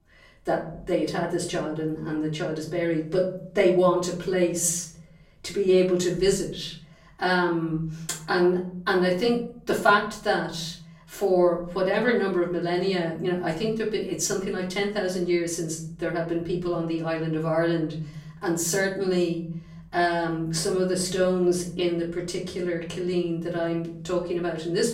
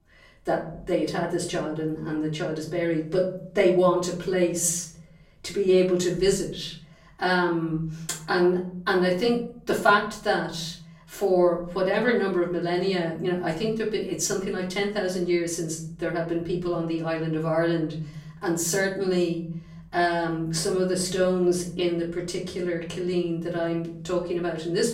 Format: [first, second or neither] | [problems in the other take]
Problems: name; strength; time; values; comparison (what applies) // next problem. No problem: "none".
neither | room echo; slight; dies away in 0.7 s; the same in both // off-mic speech; far; the same in both